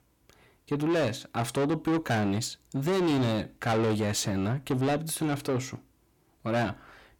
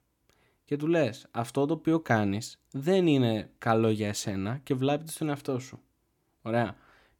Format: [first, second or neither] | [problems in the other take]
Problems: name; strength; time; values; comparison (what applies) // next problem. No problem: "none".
second | distortion; heavy; 7 dB below the speech